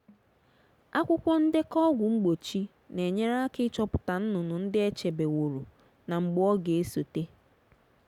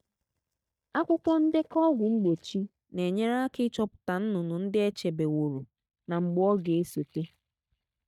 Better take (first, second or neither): first